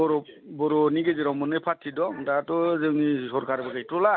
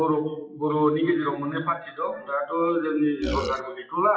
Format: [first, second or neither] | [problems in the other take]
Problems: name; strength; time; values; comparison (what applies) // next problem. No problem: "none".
first | noise reduction (classical method WPE with log-MMSE)